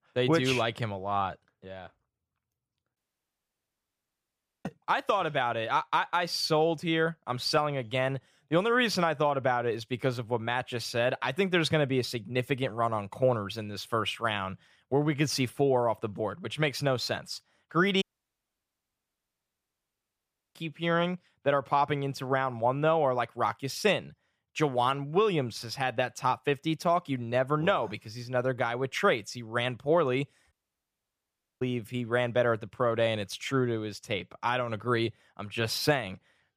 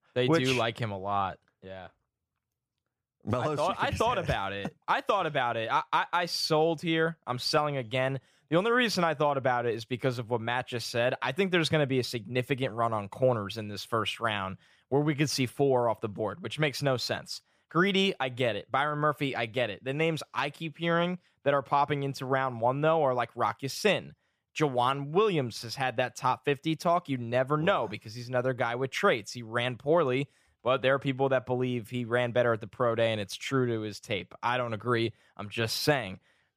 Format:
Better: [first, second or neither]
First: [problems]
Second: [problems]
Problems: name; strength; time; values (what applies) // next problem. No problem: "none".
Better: second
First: audio cutting out; at 3 s for 1.5 s, at 18 s for 2.5 s and at 31 s for 1 s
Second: none